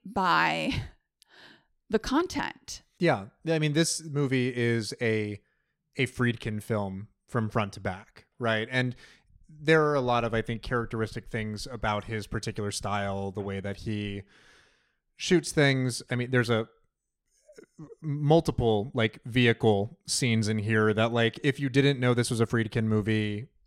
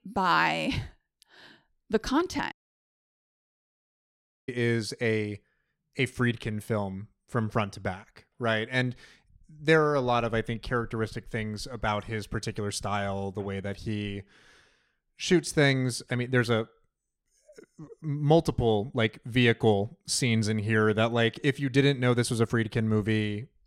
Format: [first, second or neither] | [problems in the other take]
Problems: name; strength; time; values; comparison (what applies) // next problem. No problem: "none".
first | audio cutting out; at 2.5 s for 2 s